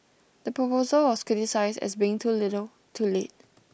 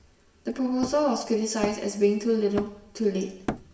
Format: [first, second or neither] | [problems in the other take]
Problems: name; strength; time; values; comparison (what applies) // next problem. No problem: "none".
first | background sound (Hammer); 12 dB below the speech // room echo; dies away in 0.8 s